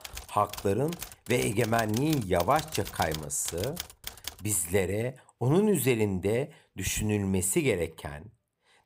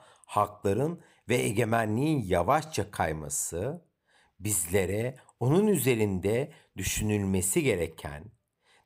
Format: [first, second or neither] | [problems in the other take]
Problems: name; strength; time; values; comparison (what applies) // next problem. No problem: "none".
second | keyboard typing; noticeable; until 4.5 s; peak 9 dB below the speech